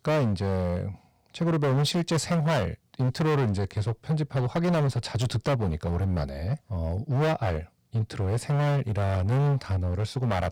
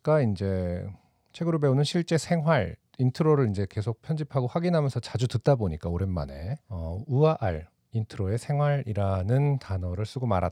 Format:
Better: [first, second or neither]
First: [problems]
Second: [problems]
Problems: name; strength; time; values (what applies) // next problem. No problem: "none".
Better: second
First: distortion; heavy; 21% of the sound clipped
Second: none